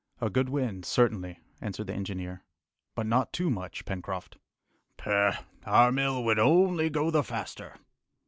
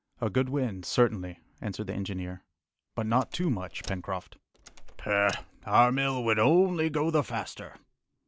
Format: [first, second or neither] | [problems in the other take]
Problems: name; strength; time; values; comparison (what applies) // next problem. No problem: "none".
first | background sound (Door); 15 dB below the speech